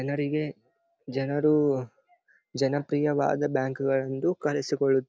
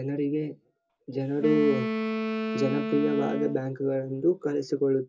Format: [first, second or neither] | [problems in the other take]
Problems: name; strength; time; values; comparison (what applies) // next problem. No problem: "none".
first | background sound (Wind instrument, woodwind instrument); 4 dB below the speech // room echo; dies away in 0.2 s